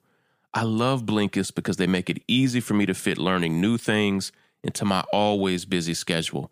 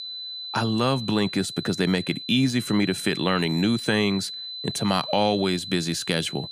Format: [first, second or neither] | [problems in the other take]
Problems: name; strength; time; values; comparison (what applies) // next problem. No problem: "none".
first | high-pitched whine; loud; throughout; 4 kHz, 9 dB below the speech